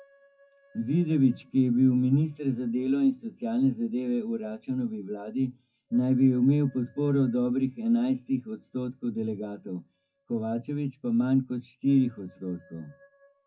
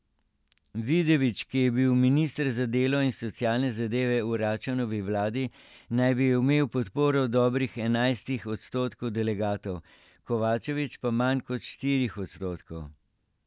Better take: second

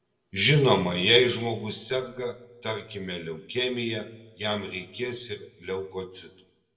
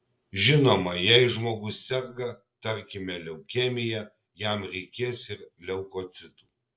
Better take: second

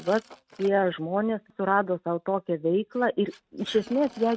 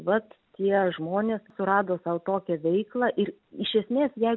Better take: second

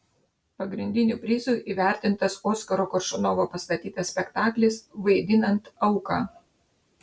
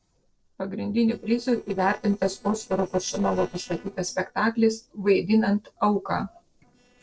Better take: first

